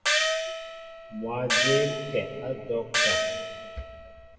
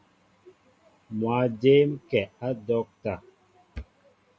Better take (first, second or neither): second